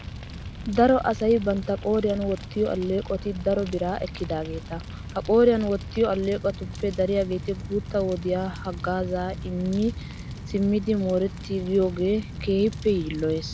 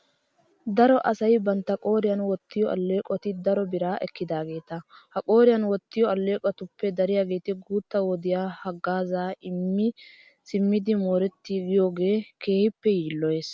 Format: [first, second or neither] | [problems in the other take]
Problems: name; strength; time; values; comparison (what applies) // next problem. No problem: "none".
second | background sound (Fire); 11 dB below the speech